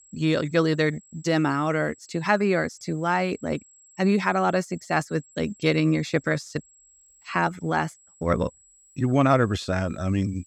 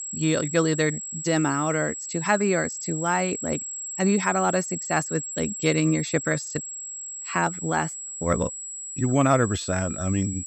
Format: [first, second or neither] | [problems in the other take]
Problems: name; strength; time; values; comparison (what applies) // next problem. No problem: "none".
first | high-pitched whine; loud; throughout; 7.5 kHz, 7 dB below the speech; faint in the first